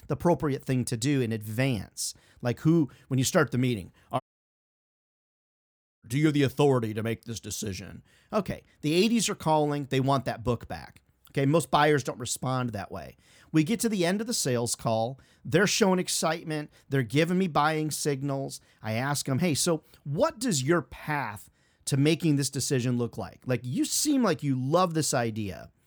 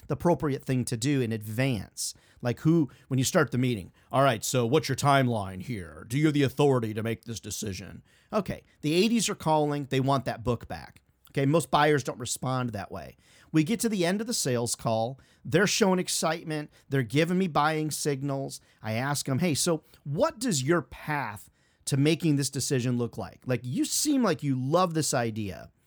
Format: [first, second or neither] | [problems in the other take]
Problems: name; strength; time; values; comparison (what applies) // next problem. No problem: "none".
second | audio cutting out; at 4 s for 2 s